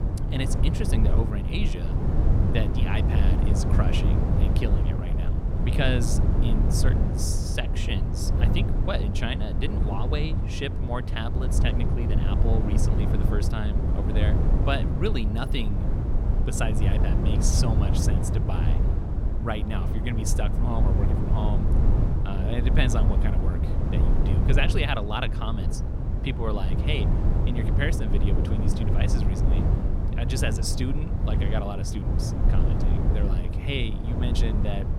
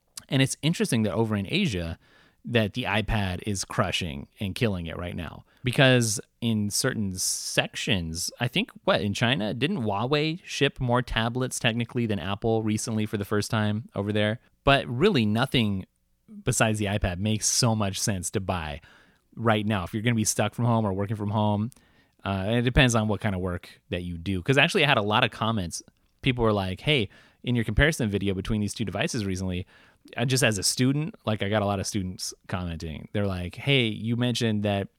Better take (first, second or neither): second